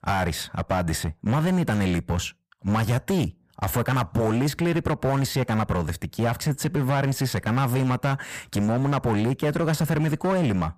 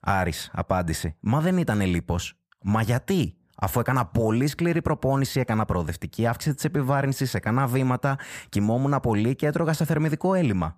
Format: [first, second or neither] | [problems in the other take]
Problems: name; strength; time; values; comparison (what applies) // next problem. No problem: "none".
second | distortion; slight; 15% of the sound clipped